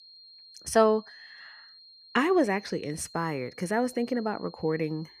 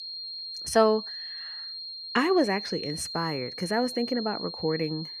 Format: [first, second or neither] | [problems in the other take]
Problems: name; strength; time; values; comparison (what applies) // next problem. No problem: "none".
first | high-pitched whine; loud; throughout; 4 kHz, 8 dB below the speech; faint in the first